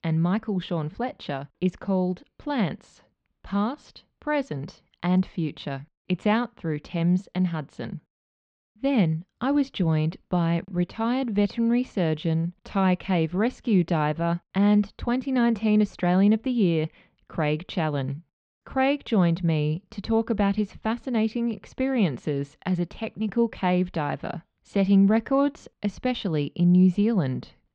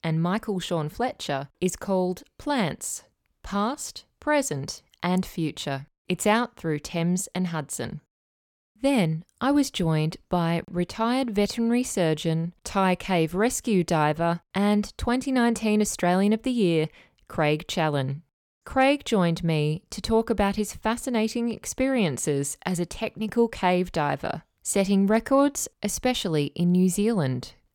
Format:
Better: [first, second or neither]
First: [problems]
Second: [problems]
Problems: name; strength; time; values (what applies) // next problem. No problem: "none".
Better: second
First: muffled; slightly; fading above 4 kHz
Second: none